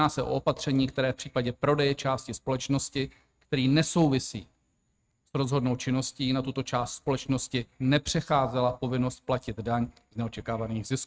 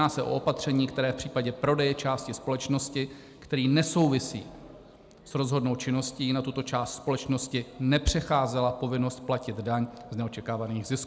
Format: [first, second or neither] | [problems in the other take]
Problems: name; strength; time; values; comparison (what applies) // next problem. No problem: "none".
second | noise reduction (neural mask model RNNoise)